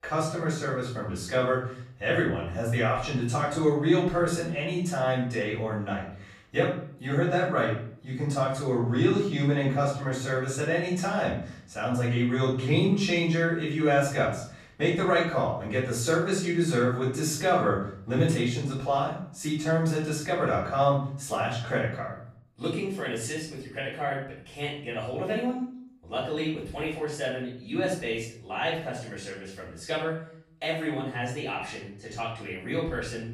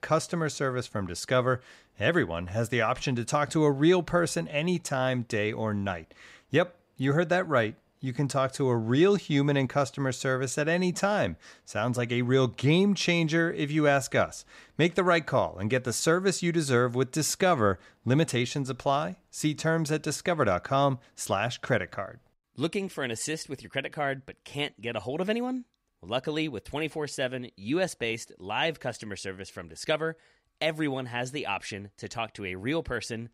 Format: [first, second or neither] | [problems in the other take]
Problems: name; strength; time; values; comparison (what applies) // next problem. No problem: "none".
second | off-mic speech; far // room echo; noticeable; dies away in 0.5 s